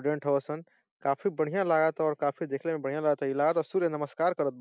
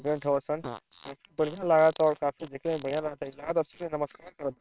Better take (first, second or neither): first